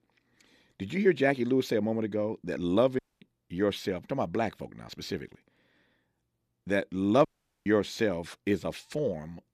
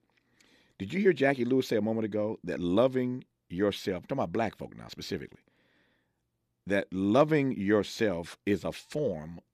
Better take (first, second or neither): second